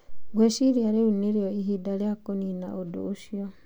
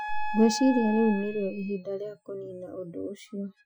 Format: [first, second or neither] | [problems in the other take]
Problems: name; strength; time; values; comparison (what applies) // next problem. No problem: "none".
first | noise reduction (classical method Wiener filter)